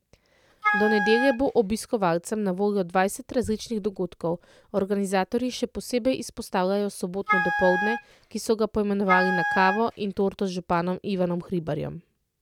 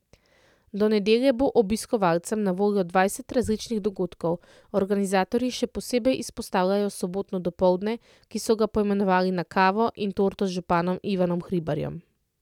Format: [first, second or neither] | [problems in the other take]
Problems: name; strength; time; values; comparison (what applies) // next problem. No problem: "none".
second | background sound (Wind instrument, woodwind instrument); 1 dB below the speech